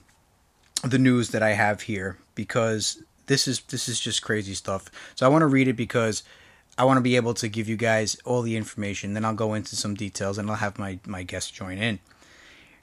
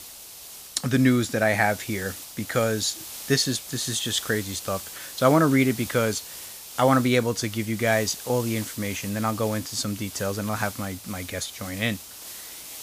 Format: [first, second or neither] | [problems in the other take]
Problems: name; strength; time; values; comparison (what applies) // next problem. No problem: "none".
first | hiss; noticeable; throughout; 10 dB below the speech